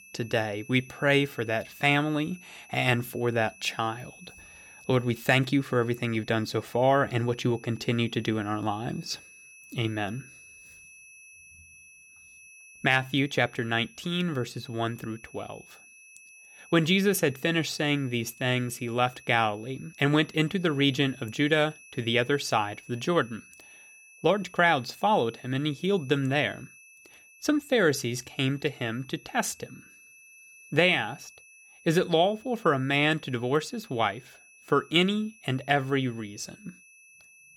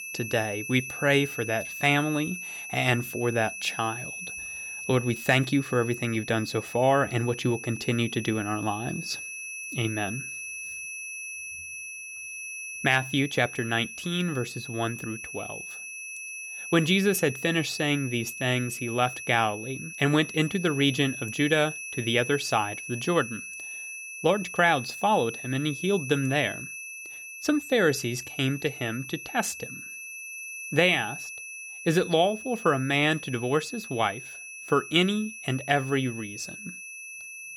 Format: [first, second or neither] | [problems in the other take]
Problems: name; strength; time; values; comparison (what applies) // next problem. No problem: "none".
first | high-pitched whine; loud; throughout; 2.5 kHz, 10 dB below the speech; faint in the first